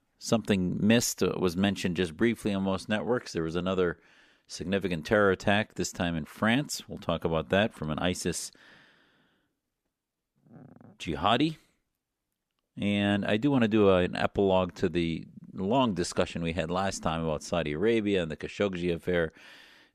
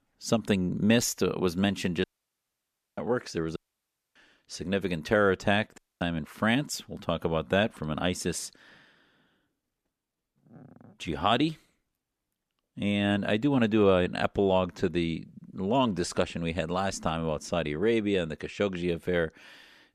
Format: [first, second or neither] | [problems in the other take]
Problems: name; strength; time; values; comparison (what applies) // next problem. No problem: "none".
first | audio cutting out; at 2 s for 1 s, at 3.5 s for 0.5 s and at 6 s